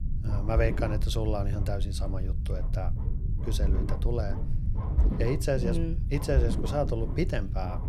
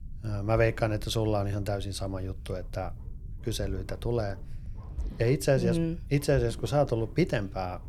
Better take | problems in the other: second | low rumble; loud; throughout; 9 dB below the speech; faint in the second

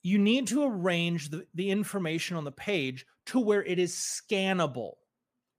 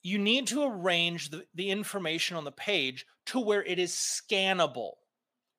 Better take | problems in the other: first | thin; very slightly; fading below 400 Hz

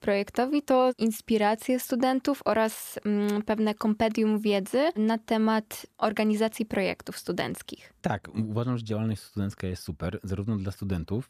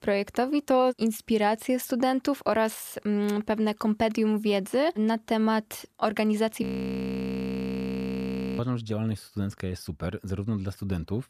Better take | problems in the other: first | audio freezing; at 6.5 s for 2 s

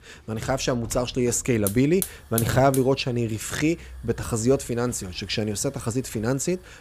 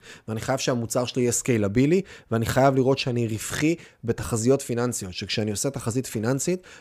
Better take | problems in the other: second | hiss; noticeable; throughout; 10 dB below the speech

